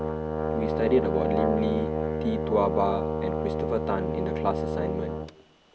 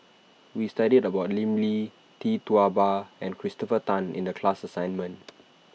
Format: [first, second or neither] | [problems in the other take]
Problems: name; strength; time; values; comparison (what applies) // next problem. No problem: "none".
second | background sound (Brass instrument); 2 dB above the speech